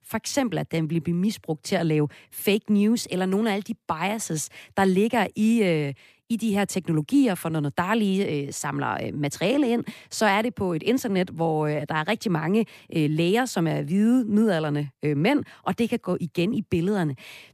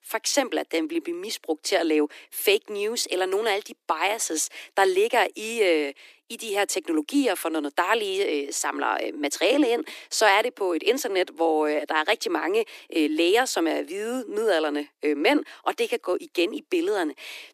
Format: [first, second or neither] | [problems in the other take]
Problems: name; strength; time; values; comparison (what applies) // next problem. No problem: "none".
first | thin; somewhat; fading below 300 Hz